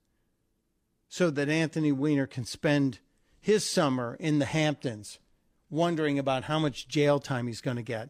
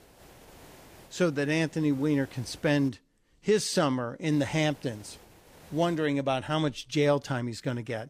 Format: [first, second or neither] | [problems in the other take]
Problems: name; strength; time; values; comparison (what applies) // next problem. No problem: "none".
first | hiss; faint; until 3 s and from 4.5 to 6 s; 25 dB below the speech